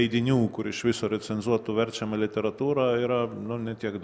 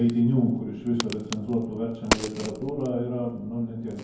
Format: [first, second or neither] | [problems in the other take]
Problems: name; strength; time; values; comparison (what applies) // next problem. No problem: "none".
first | background sound (Crack); 8 dB below the speech // room echo; dies away in 0.9 s